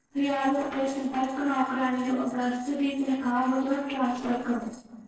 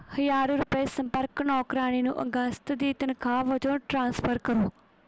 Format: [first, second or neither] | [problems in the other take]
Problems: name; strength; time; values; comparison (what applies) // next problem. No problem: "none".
second | noise reduction (neural separator model SepFormer DNS4)